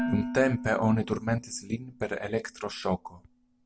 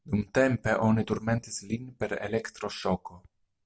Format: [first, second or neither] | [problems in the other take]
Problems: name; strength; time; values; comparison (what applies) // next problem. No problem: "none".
second | background sound (Dishes, pots, and pans); 9 dB below the speech